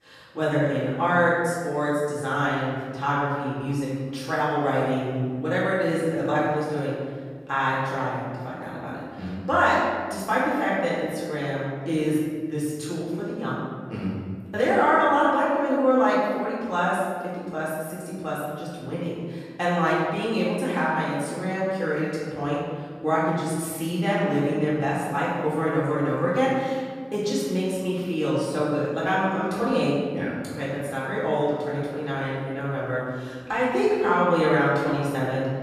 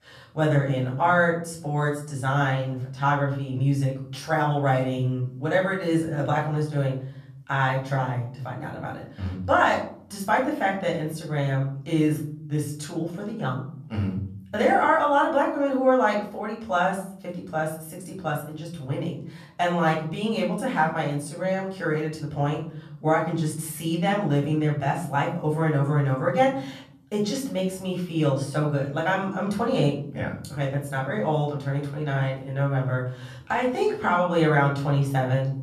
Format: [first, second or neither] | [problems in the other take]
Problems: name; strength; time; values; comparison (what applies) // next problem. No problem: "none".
second | room echo; strong; dies away in 1.7 s; slight in the second // off-mic speech; far; far in the second